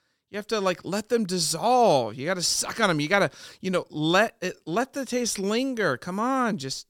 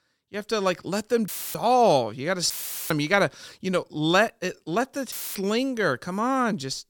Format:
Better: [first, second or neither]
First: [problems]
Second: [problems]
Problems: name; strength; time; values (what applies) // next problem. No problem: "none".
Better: first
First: none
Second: audio cutting out; filled with static; at 1.5 s, at 2.5 s and at 5 s